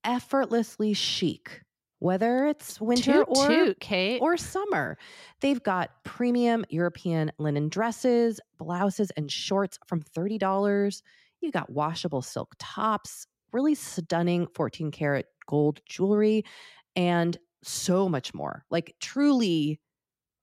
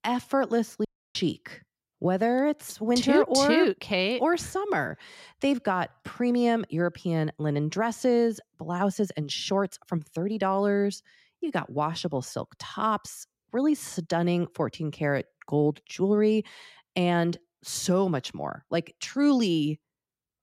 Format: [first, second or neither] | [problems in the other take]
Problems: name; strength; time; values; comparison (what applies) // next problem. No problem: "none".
first | audio cutting out; at 1 s